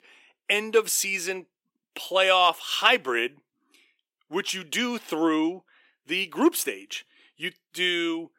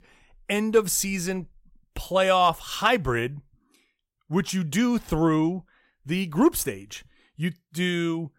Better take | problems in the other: second | thin; somewhat; fading below 300 Hz

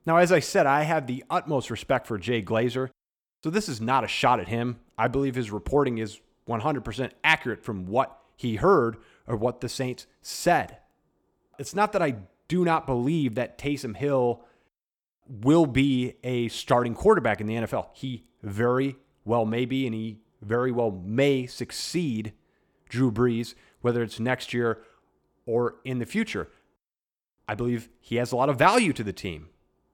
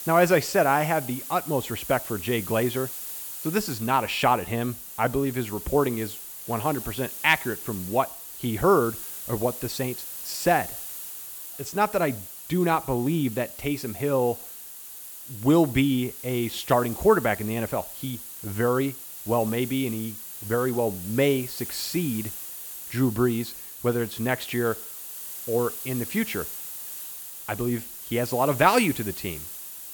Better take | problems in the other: first | hiss; loud; throughout; 9 dB below the speech

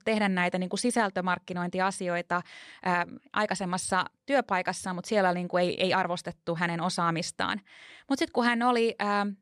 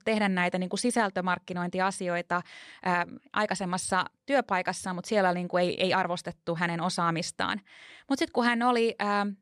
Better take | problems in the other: neither | none

